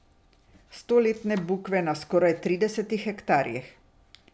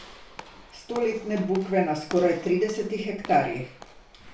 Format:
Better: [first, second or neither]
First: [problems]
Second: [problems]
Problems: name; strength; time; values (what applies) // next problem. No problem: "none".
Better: first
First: none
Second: background sound (Walk, footsteps / Slam); 18 dB below the speech // room echo; dies away in 0.3 s